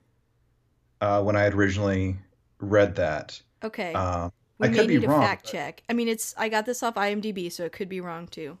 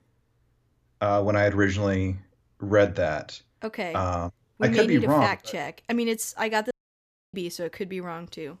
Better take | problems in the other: first | audio cutting out; at 6.5 s for 0.5 s

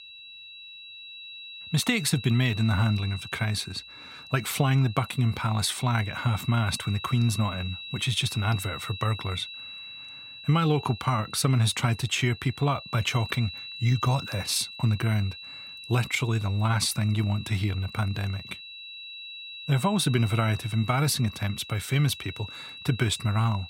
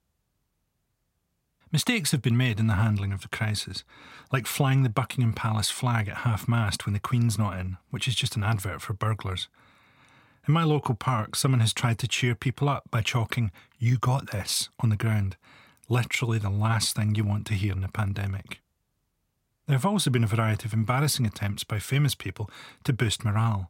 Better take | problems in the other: second | high-pitched whine; noticeable; throughout; 4 kHz, 15 dB below the speech

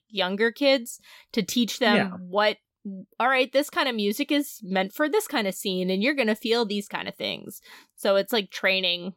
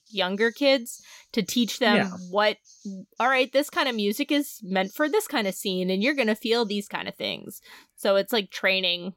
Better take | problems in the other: first | animal sounds; faint; throughout; 30 dB below the speech

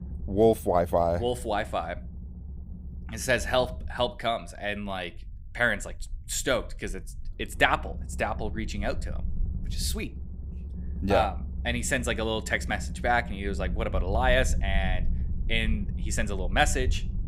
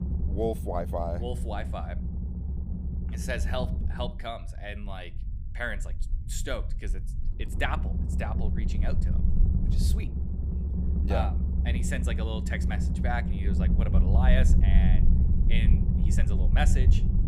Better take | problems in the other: first | low rumble; loud; throughout; 7 dB below the speech; faint in the first

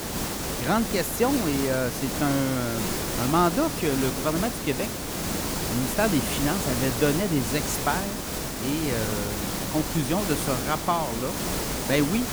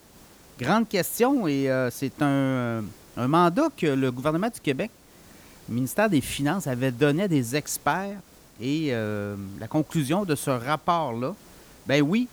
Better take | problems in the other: second | hiss; loud; throughout; 2 dB below the speech; faint in the second

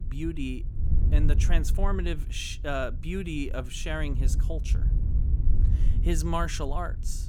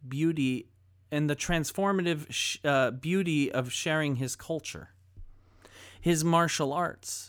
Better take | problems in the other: second | wind noise on the microphone; occasional gusts; 15 dB below the speech

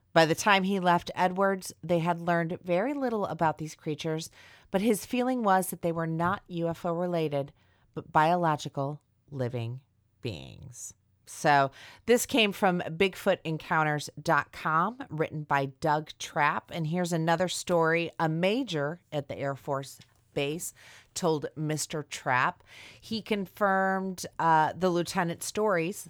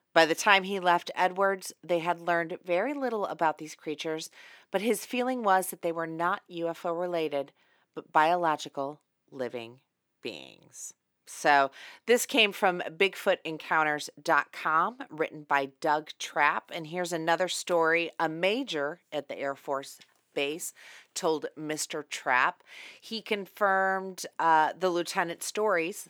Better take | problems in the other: first | thin; somewhat; fading below 250 Hz

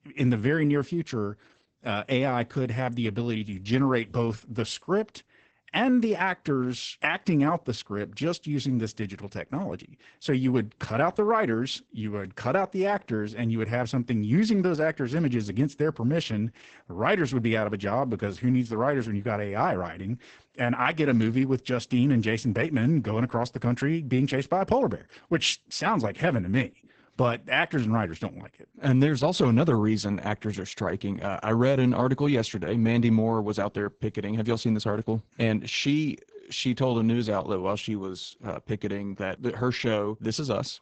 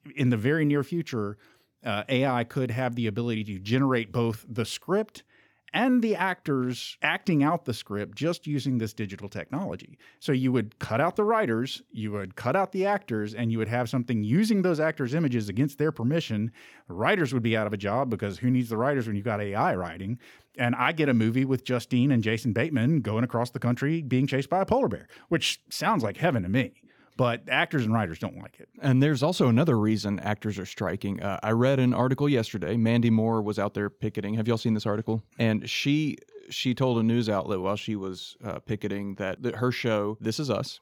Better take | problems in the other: second | garbled, watery; badly; nothing above 8 kHz

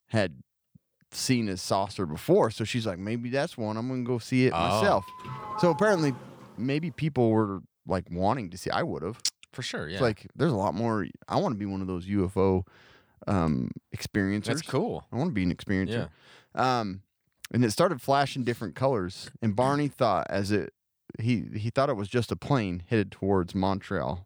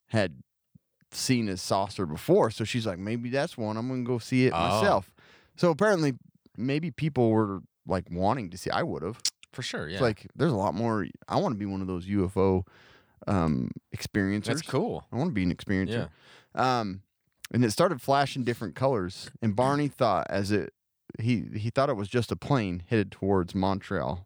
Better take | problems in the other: second | doorbell; noticeable; from 5 to 6.5 s; peak 6 dB below the speech

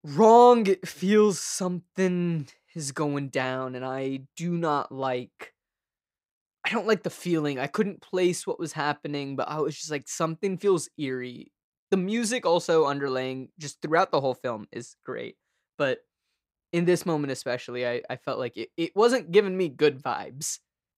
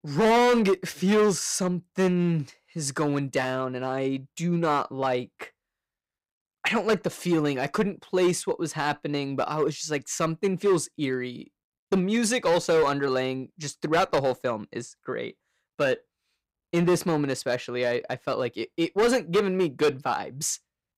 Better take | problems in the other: first | distortion; heavy; 6% of the sound clipped

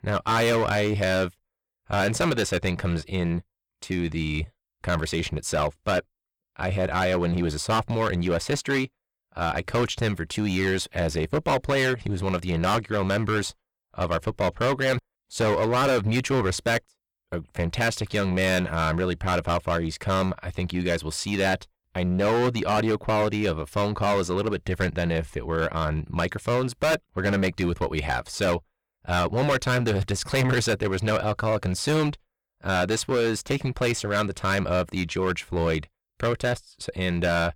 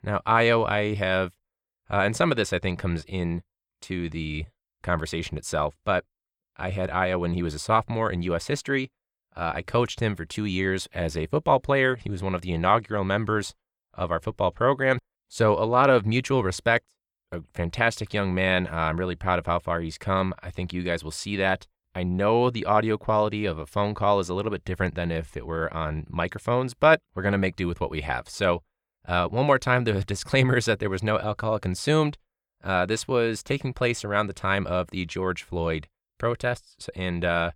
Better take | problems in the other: second | distortion; heavy; 12% of the sound clipped

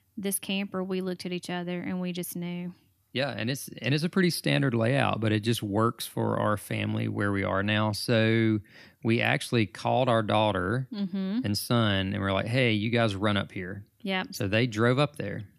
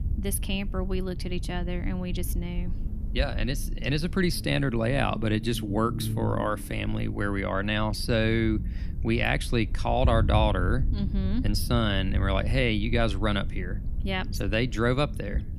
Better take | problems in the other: first | low rumble; noticeable; throughout; 15 dB below the speech

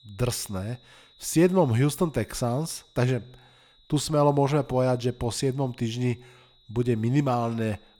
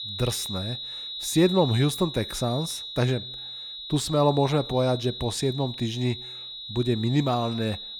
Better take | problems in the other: first | high-pitched whine; loud; throughout; 4 kHz, 8 dB below the speech; faint in the first

